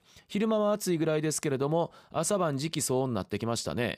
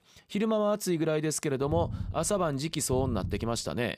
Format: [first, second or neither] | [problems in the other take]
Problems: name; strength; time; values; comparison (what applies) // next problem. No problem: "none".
first | low rumble; noticeable; from 1.5 s on; 20 dB below the speech